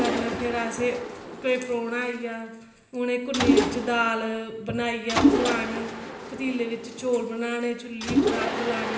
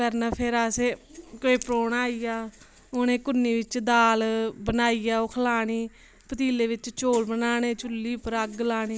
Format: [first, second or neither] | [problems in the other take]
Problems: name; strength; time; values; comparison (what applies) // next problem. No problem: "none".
second | background sound (Mechanisms); as loud as the speech // room echo; dies away in 0.9 s